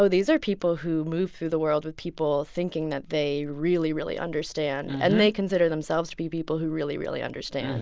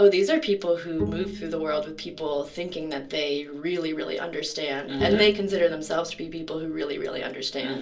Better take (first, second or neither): first